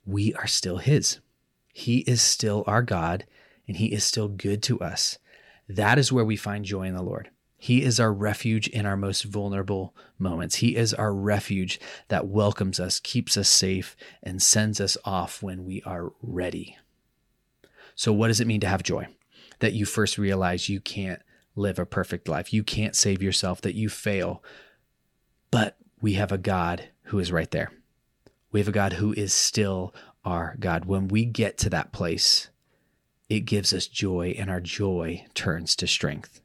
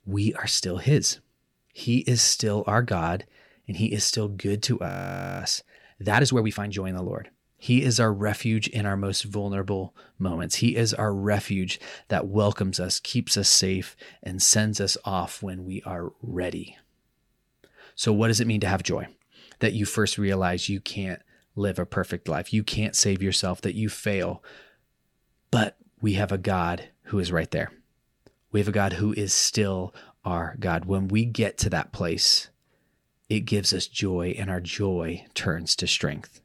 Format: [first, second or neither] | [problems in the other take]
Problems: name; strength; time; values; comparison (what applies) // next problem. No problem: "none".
first | audio freezing; at 5 s for 0.5 s